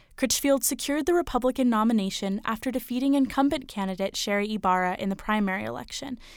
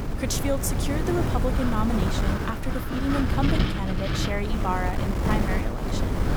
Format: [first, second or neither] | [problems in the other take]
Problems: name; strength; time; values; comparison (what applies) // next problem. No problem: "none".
first | wind noise on the microphone; heavy; 1 dB below the speech